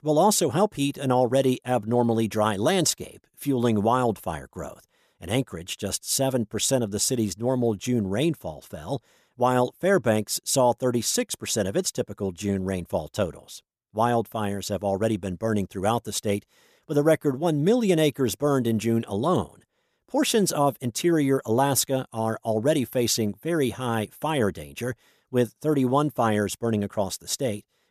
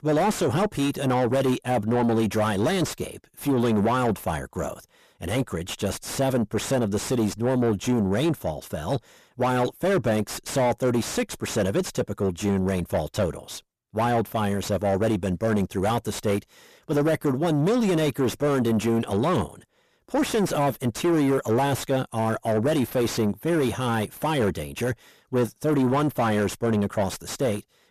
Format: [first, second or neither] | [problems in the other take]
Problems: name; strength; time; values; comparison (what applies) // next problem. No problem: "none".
first | distortion; heavy; 7 dB below the speech